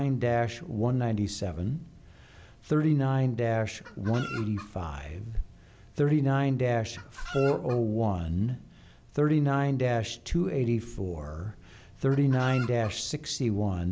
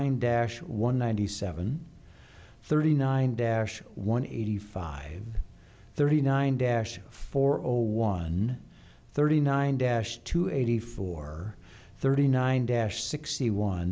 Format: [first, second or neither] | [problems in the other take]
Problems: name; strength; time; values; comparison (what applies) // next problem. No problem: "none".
second | background sound (Chicken, rooster); 15 dB below the speech